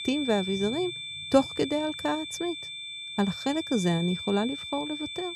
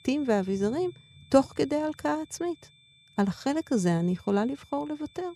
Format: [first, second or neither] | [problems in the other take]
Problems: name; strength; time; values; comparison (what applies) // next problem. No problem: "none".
second | high-pitched whine; loud; throughout; 3.5 kHz, 6 dB below the speech; faint in the second